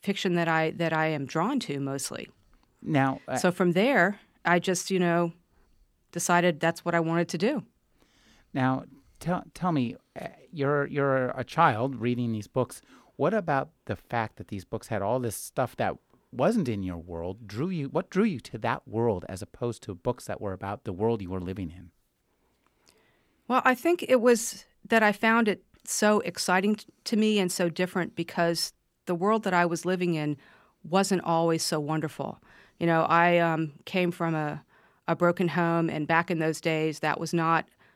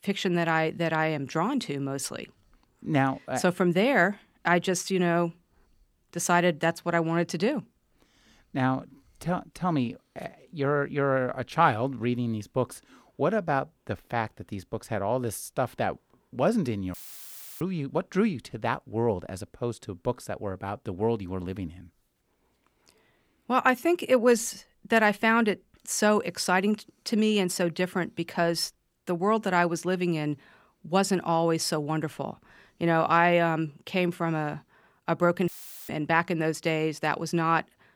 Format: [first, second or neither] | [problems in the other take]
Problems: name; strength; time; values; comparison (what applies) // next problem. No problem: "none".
first | audio cutting out; filled with static; at 17 s for 0.5 s and at 35 s